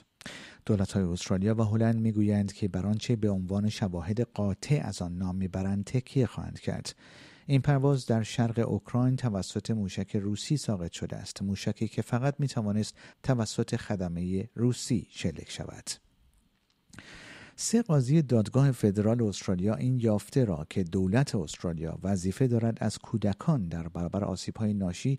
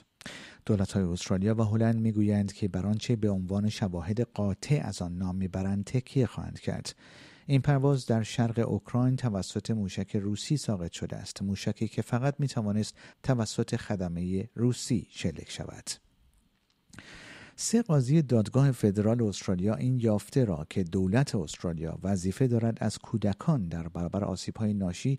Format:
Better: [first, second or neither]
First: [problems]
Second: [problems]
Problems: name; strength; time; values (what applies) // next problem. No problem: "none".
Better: neither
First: none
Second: none